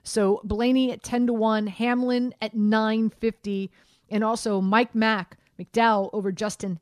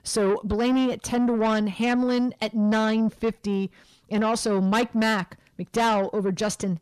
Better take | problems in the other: first | distortion; slight; 10 dB below the speech

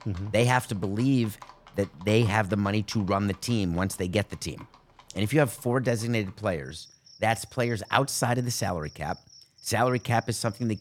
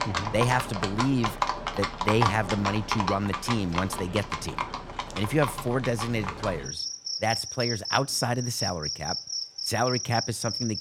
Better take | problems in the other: first | animal sounds; loud; throughout; 3 dB below the speech; faint in the first

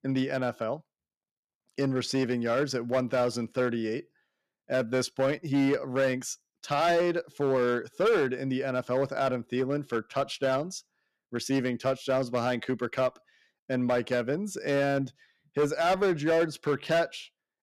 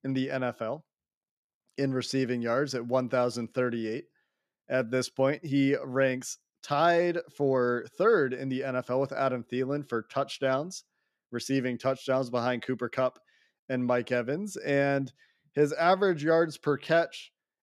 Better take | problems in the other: second | distortion; slight; 6% of the sound clipped

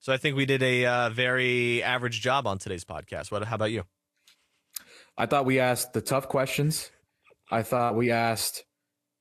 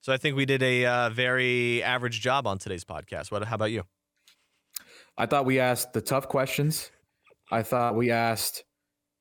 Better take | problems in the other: second | garbled, watery; slightly; nothing above 13 kHz

